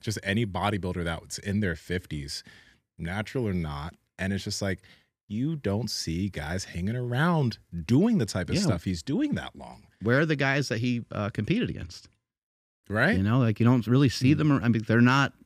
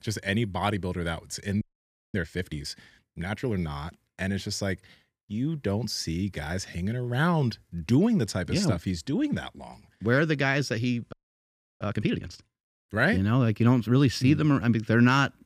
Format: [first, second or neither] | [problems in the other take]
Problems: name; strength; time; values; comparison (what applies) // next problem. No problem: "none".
first | audio freezing; at 1.5 s for 0.5 s and at 11 s for 0.5 s